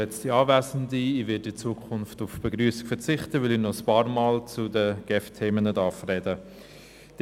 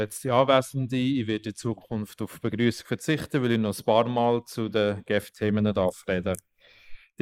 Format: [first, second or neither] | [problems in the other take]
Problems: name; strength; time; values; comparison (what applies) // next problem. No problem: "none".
first | noise reduction (neural mask model Resemble Enhance denoiser)